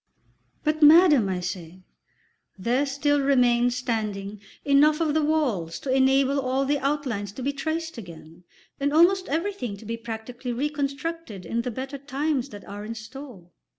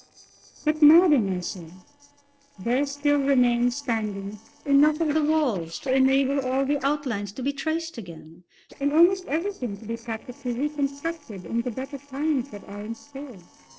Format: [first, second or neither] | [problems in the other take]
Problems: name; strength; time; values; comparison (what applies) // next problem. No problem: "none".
first | noise reduction (neural separator model SepFormer DNS4)